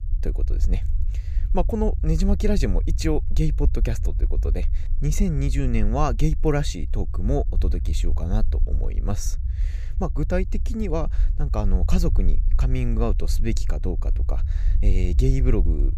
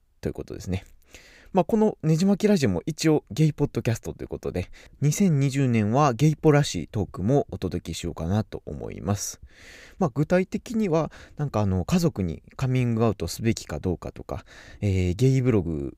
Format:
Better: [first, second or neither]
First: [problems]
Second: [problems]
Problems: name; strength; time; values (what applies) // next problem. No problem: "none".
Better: second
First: low rumble; noticeable; throughout; 15 dB below the speech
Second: none